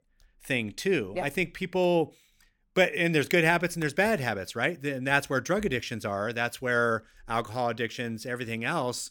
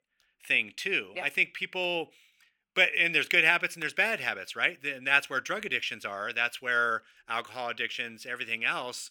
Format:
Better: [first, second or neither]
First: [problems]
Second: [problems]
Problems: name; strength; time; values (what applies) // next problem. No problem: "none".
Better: first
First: none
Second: thin; somewhat; fading below 550 Hz